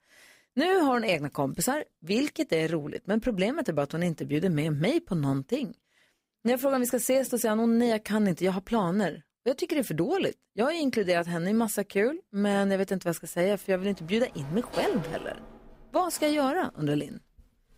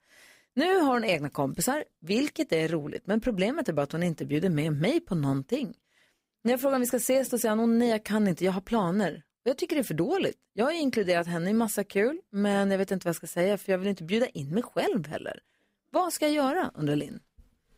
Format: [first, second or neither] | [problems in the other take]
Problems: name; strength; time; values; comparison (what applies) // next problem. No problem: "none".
second | door banging; noticeable; from 14 to 16 s; peak 9 dB below the speech